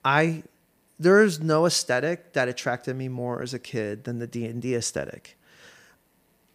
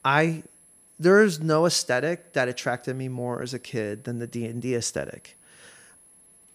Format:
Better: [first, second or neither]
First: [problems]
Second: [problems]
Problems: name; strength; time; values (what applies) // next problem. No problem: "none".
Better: first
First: none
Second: high-pitched whine; faint; throughout; 11 kHz, 30 dB below the speech